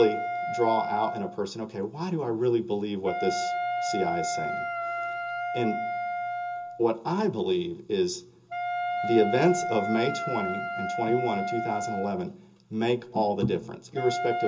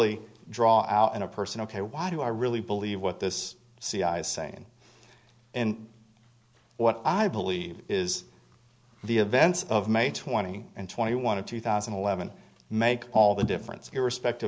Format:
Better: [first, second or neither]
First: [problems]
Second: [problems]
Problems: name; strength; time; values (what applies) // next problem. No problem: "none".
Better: second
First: background sound (Wind instrument, woodwind instrument); 4 dB below the speech // room echo; dies away in 0.2 s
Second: none